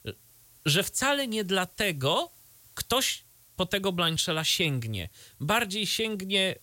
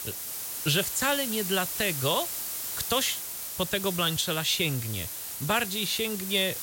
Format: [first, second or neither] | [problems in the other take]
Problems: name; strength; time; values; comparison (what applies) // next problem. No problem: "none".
first | hiss; loud; throughout; 4 dB below the speech; faint in the first